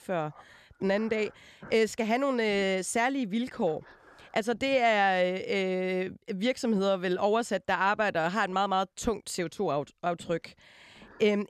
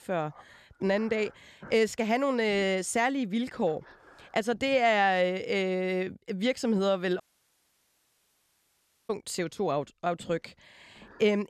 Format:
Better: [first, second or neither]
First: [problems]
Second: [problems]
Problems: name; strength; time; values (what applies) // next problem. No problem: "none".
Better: first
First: none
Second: audio cutting out; at 7 s for 2 s